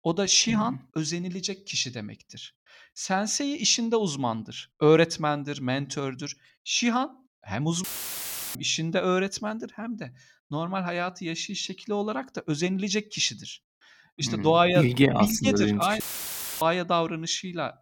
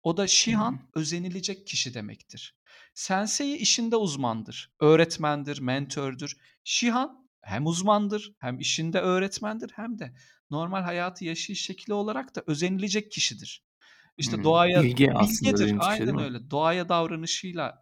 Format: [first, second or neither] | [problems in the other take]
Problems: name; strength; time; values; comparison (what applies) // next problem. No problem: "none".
second | audio cutting out; filled with static; at 8 s for 0.5 s and at 16 s for 0.5 s